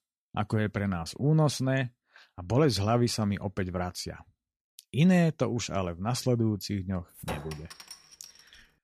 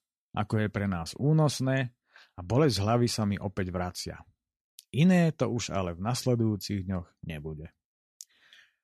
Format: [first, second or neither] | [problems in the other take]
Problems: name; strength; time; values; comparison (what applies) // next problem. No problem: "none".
second | clattering dishes; faint; from 7 to 8.5 s; peak 10 dB below the speech